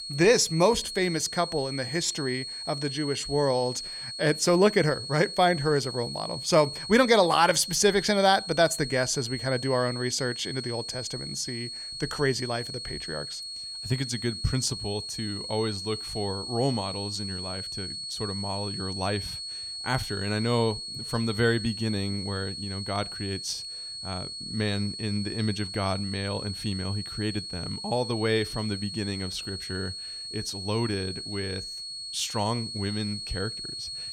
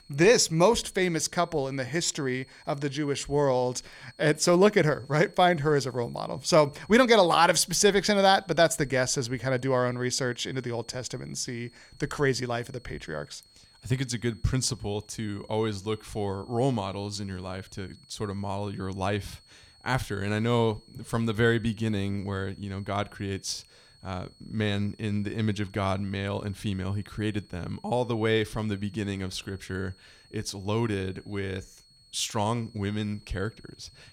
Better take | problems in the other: second | high-pitched whine; loud; throughout; 4.5 kHz, 7 dB below the speech; faint in the second

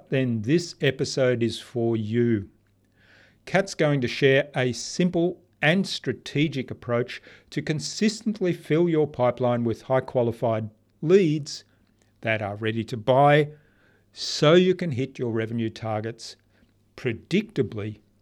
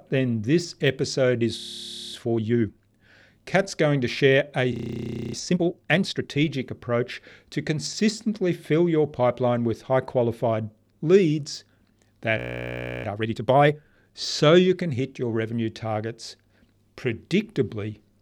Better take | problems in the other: first | audio freezing; at 1.5 s for 0.5 s, at 4.5 s for 0.5 s and at 12 s for 0.5 s

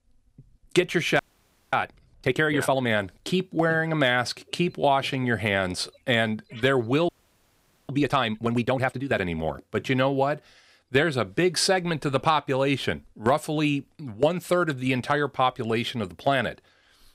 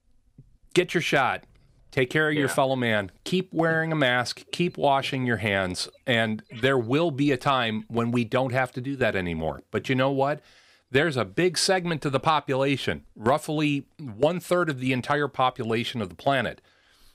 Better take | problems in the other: second | audio freezing; at 1 s for 0.5 s and at 7 s for 1 s

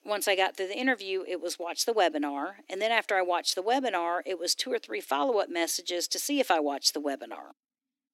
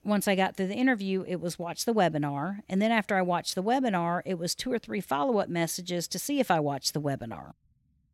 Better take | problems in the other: second | thin; somewhat; fading below 300 Hz

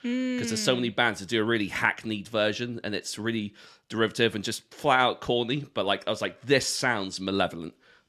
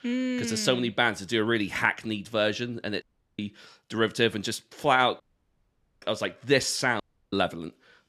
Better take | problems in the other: first | audio cutting out; at 3 s, at 5 s for 1 s and at 7 s

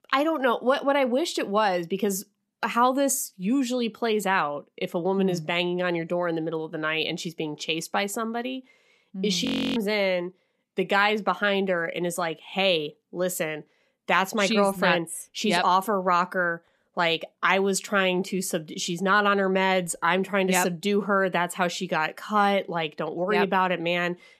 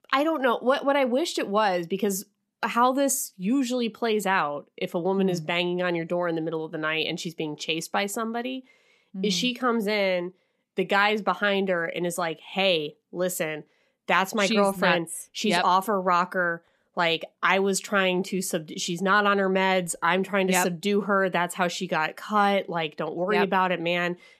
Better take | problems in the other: second | audio freezing; at 9.5 s

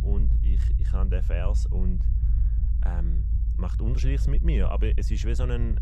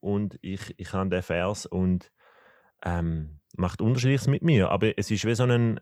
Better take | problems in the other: second | low rumble; loud; throughout; 7 dB below the speech

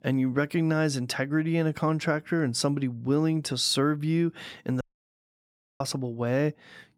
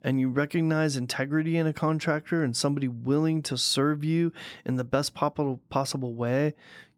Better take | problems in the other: second | audio cutting out; at 5 s for 1 s

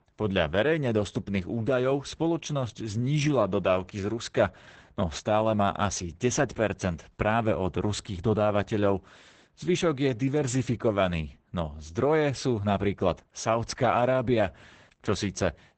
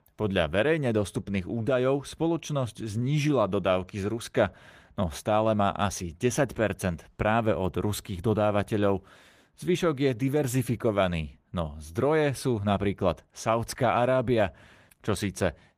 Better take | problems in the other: second | garbled, watery; badly; nothing above 8 kHz; slightly in the second

